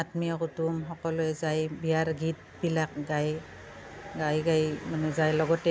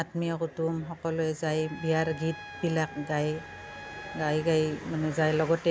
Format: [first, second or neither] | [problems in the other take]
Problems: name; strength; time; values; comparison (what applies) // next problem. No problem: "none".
first | background sound (Trumpet); 16 dB below the speech